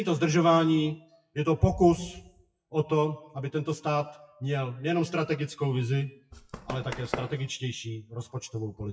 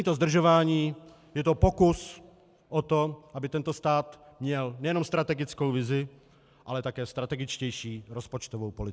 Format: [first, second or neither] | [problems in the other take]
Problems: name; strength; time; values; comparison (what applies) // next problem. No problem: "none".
second | noise reduction (classical method WPE with log-MMSE)